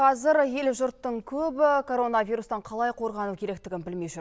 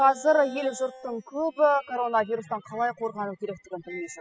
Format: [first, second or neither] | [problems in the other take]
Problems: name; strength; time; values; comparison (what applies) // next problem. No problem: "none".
first | noise reduction (classical method spectral subtraction)